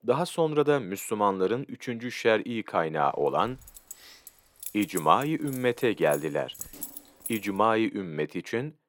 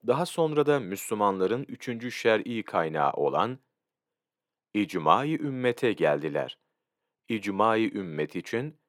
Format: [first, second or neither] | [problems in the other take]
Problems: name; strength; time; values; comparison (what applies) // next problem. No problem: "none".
second | jangling keys; noticeable; from 3.5 to 7.5 s; peak 9 dB below the speech